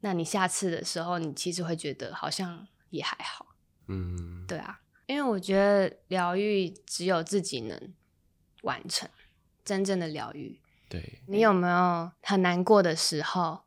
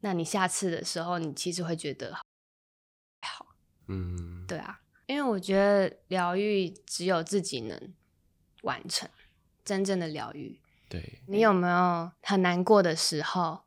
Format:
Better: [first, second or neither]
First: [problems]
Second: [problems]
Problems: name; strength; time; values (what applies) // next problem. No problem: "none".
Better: first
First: none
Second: audio cutting out; at 2 s for 1 s